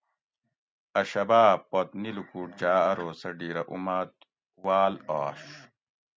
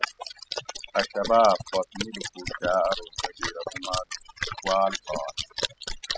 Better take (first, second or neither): first